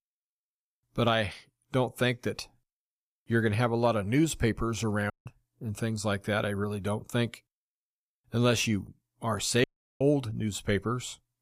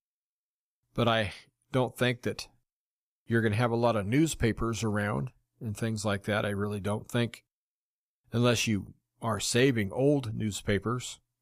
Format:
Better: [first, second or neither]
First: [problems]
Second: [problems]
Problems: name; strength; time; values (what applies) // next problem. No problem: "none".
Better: second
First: audio cutting out; at 5 s and at 9.5 s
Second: none